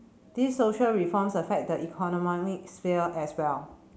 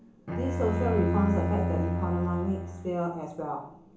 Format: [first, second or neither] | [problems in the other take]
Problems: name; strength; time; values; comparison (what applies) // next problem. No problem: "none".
first | background sound (Bowed string instrument); as loud as the speech // room echo; dies away in 0.8 s